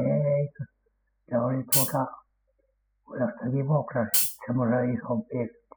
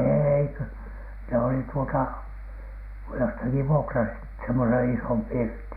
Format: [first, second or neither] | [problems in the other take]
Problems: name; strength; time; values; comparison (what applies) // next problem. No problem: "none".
second | noise reduction (classical method spectral subtraction)